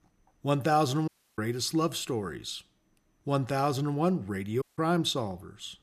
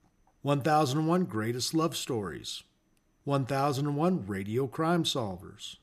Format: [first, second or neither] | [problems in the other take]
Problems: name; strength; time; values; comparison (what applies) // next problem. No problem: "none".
second | audio cutting out; at 1 s and at 4.5 s